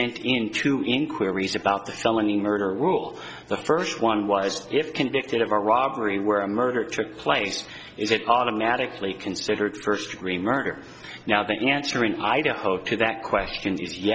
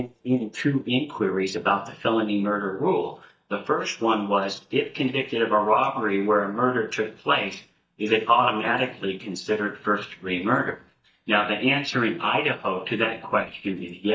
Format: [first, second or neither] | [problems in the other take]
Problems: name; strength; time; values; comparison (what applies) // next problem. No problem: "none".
first | noise reduction (neural mask model DeepFilterNet 3)